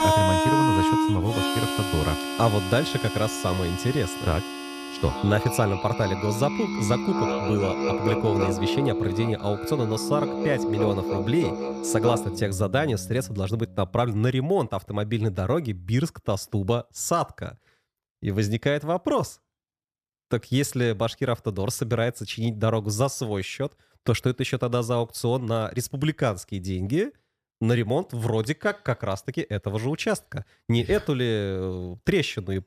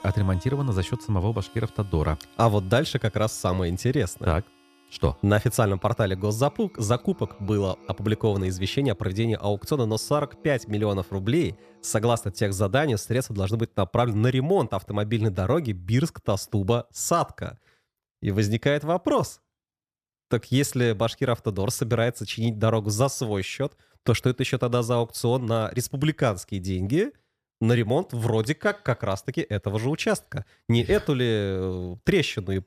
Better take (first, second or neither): second